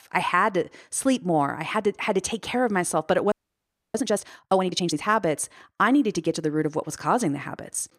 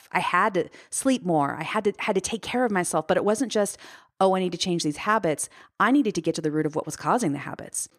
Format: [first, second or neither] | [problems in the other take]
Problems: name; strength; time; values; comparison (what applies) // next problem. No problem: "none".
second | audio freezing; at 3.5 s for 0.5 s